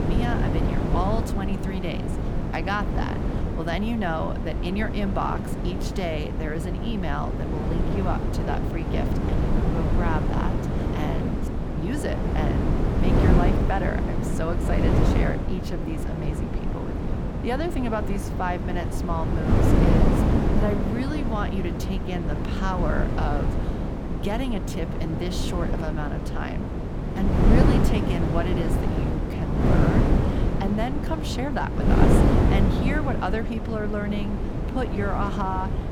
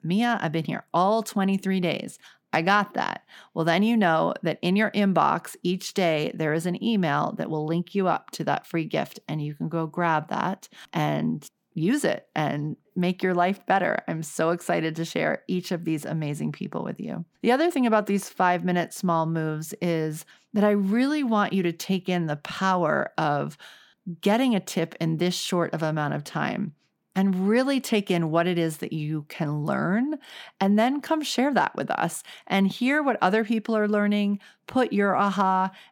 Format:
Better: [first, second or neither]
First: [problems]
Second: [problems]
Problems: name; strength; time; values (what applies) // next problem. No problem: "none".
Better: second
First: wind noise on the microphone; heavy; as loud as the speech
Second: none